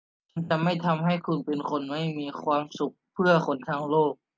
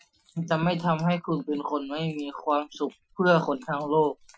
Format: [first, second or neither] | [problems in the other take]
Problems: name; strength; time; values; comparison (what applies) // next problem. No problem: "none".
first | noise reduction (classical method Wiener filter)